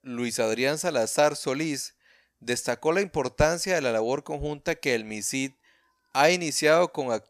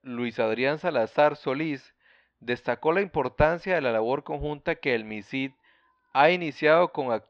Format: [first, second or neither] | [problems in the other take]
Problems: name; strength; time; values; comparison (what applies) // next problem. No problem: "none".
first | muffled; very; fading above 3.5 kHz